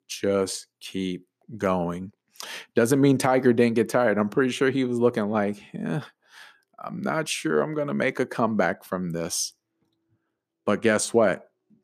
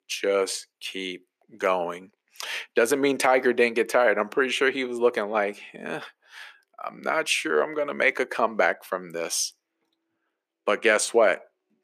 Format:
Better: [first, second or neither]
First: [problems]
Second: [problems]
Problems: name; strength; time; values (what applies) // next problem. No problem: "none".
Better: first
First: none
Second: thin; somewhat; fading below 450 Hz